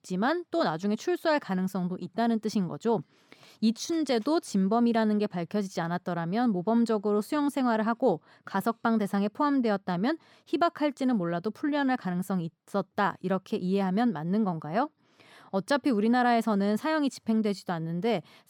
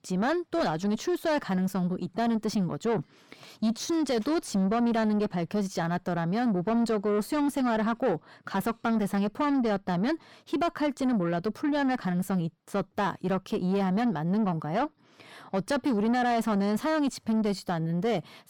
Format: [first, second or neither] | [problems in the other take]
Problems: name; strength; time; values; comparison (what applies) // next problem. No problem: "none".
first | distortion; slight; 10 dB below the speech